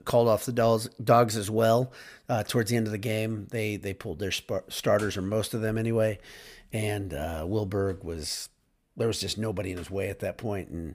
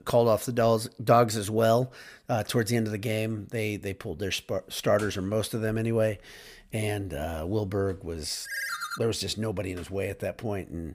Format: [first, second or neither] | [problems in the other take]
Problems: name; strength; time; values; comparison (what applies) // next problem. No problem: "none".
first | phone ringing; noticeable; at 8.5 s; peak 3 dB below the speech